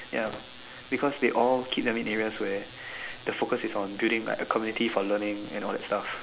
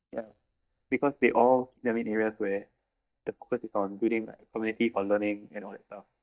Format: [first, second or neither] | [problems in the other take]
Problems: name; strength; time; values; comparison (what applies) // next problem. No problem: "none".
first | noise reduction (neural mask model DeepFilterNet 3)